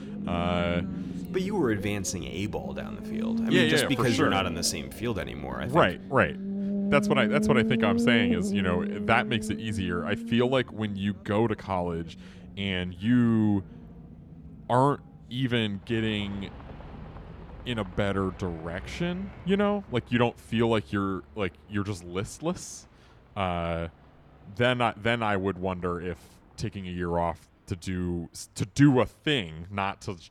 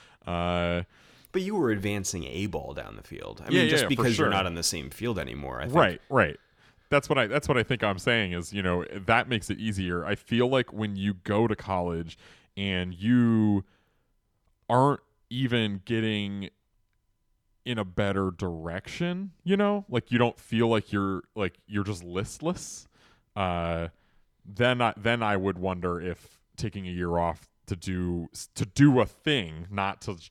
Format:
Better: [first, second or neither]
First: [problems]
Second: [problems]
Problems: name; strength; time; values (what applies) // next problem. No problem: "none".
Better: second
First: traffic noise; loud; throughout; 5 dB below the speech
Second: none